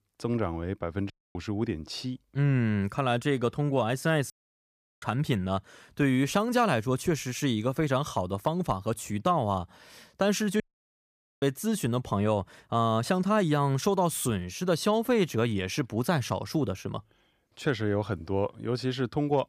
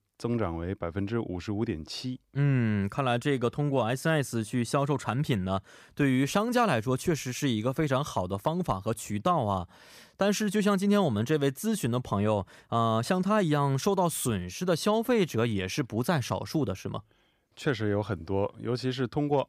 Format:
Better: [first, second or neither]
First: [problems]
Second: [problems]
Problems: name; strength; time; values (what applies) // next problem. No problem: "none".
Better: second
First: audio cutting out; at 1 s, at 4.5 s for 0.5 s and at 11 s for 1 s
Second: none